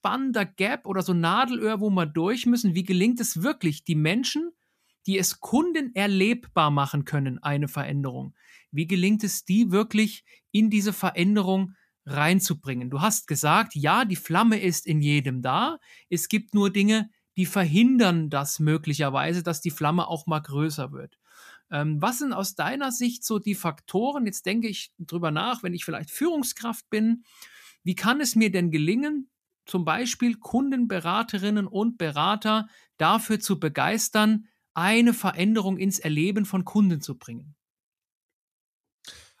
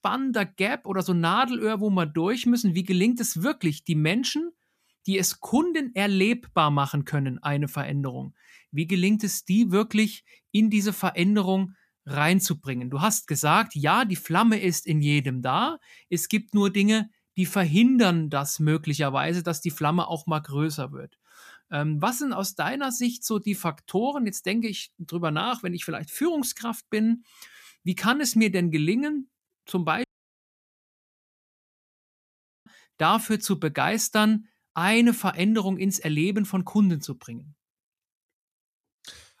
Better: first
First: none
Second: audio cutting out; at 30 s for 2.5 s

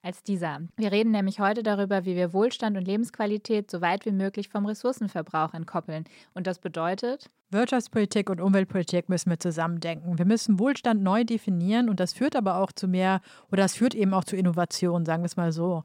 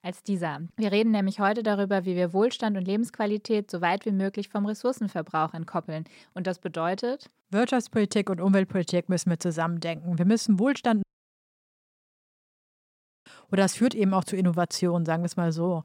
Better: first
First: none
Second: audio cutting out; at 11 s for 2 s

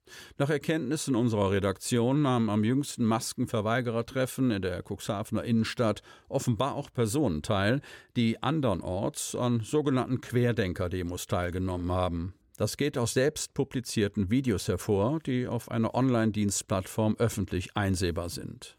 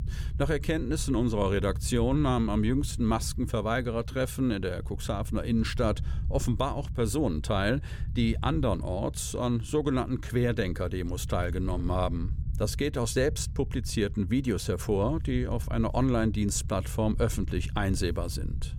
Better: first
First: none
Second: low rumble; faint; throughout; 20 dB below the speech

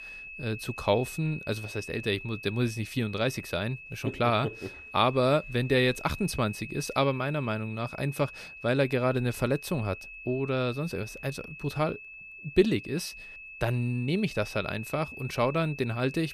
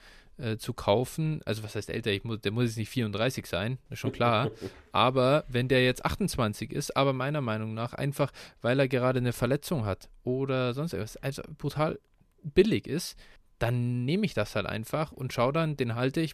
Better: second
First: high-pitched whine; noticeable; throughout; 2.5 kHz, 15 dB below the speech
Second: none

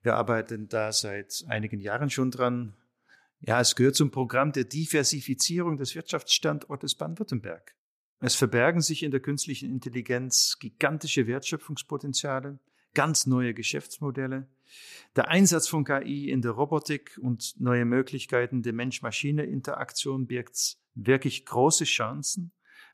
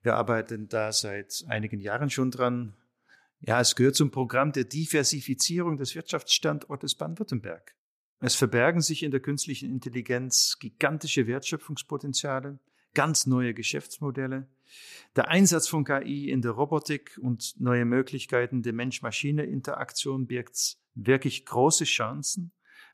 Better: neither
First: none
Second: none

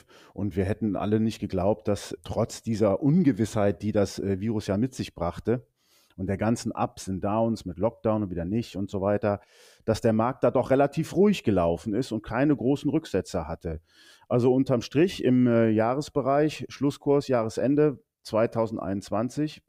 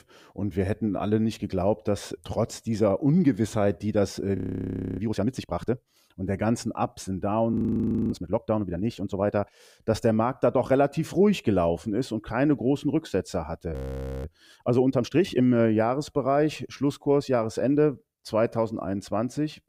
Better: first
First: none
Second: audio freezing; at 4.5 s for 0.5 s, at 7.5 s for 0.5 s and at 14 s for 0.5 s

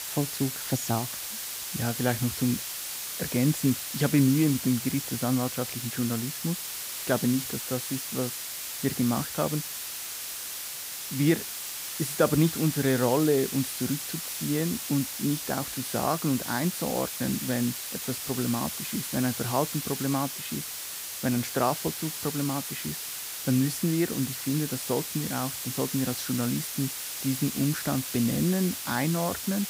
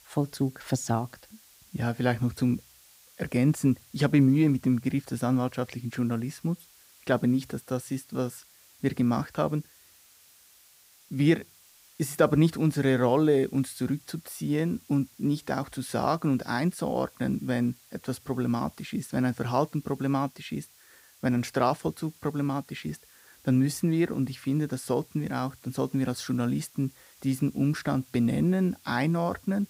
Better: second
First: hiss; loud; throughout; 4 dB below the speech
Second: hiss; faint; throughout; 25 dB below the speech

